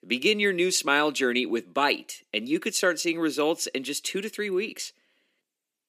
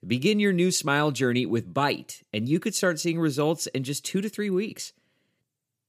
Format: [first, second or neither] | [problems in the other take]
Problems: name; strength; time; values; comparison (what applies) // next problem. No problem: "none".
second | thin; somewhat; fading below 250 Hz